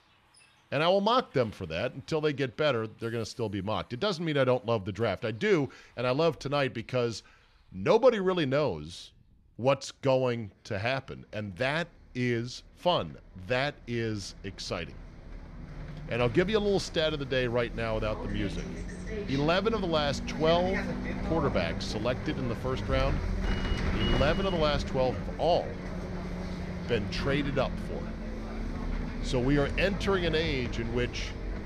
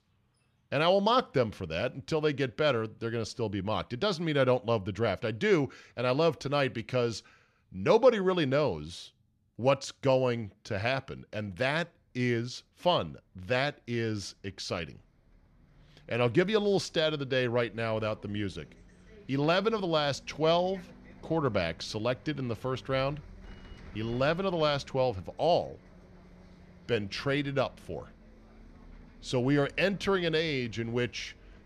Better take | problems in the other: second | traffic noise; loud; throughout; 6 dB below the speech; faint in the second

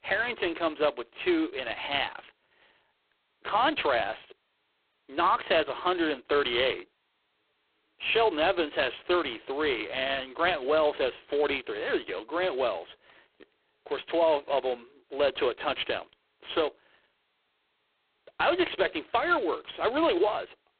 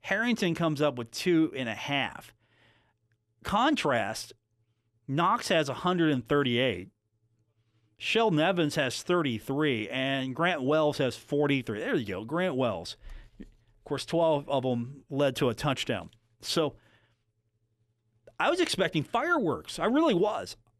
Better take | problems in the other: second | phone-call audio; poor line; nothing above 4 kHz

